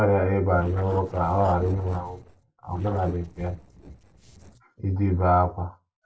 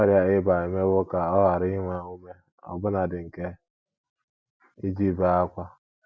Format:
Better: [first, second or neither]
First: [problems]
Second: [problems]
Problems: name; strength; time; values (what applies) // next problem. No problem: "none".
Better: second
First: noise reduction (neural separator model SepFormer DNS4)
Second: none